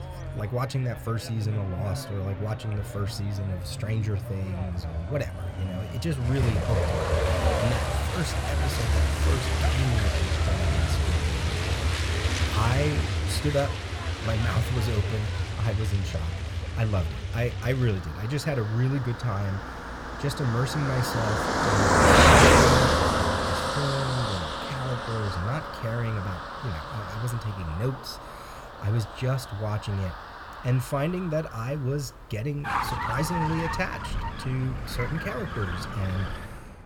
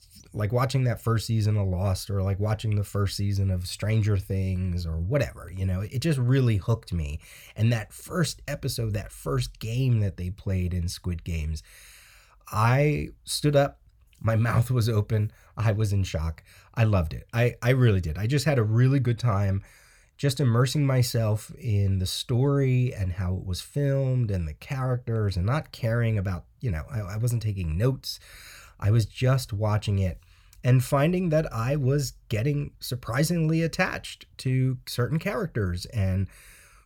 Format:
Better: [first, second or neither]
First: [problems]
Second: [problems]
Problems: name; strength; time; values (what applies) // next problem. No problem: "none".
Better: second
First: traffic noise; very loud; throughout; 4 dB above the speech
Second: none